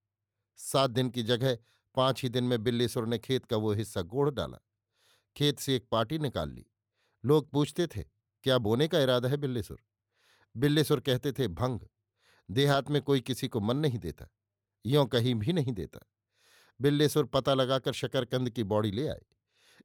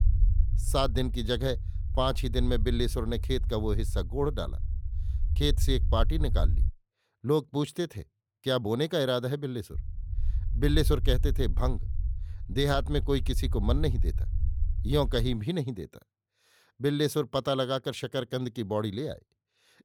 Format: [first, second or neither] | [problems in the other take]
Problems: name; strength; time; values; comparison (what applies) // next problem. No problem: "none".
first | low rumble; noticeable; until 6.5 s and from 9.5 to 15 s; 20 dB below the speech